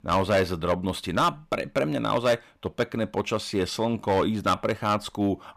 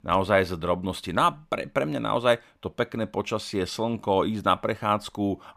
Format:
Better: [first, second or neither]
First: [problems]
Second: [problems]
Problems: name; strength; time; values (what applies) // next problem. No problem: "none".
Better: second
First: distortion; slight; 4% of the sound clipped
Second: none